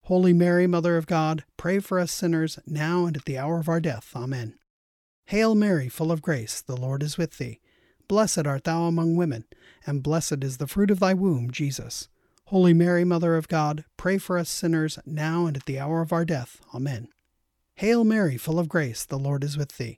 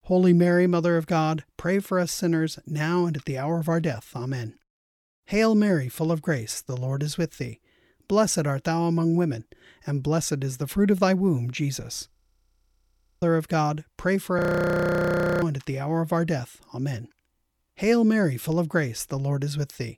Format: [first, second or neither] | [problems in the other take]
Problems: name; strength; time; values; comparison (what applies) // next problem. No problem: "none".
first | audio freezing; at 12 s for 1 s and at 14 s for 1 s